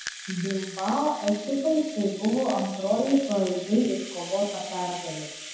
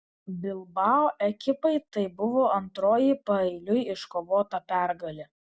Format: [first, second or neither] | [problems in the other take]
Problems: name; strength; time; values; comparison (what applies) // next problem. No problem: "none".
second | background sound (Rattle (instrument)); 13 dB below the speech // room echo; dies away in 1 s